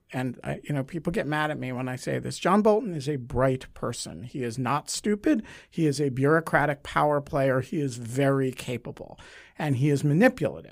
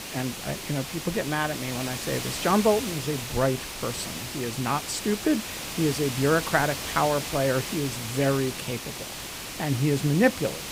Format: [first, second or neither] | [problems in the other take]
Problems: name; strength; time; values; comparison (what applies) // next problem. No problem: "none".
first | hiss; loud; throughout; 6 dB below the speech